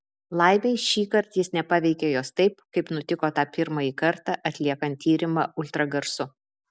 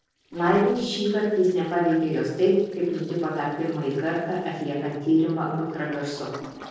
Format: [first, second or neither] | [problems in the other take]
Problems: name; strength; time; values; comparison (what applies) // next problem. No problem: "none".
first | noise reduction (neural separator model SepFormer DNS4)